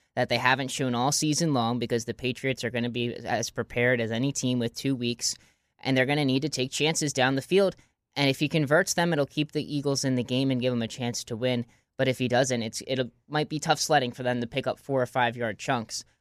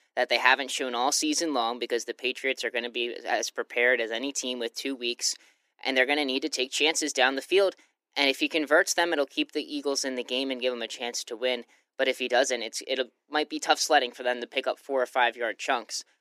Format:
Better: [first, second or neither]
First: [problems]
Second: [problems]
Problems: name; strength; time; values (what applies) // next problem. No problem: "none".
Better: first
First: none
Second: thin; somewhat; fading below 300 Hz